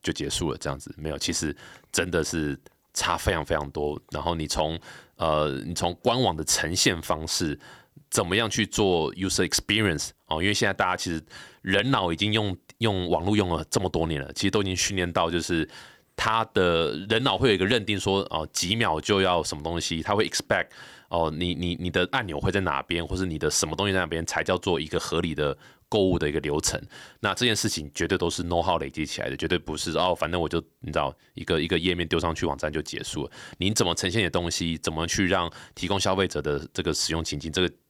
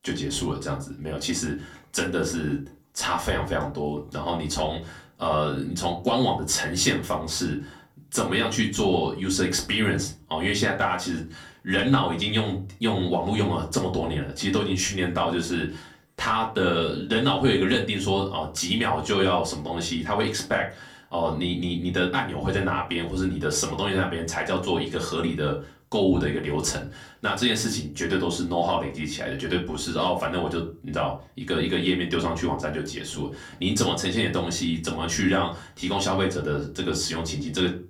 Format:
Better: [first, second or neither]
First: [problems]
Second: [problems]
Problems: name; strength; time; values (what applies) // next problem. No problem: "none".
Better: first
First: none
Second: off-mic speech; far // room echo; very slight; dies away in 0.3 s